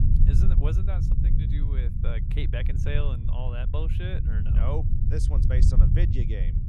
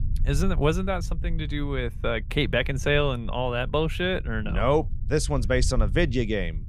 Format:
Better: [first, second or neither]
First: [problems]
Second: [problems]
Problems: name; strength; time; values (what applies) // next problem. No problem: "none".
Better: second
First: low rumble; loud; throughout; 2 dB below the speech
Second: low rumble; faint; throughout; 25 dB below the speech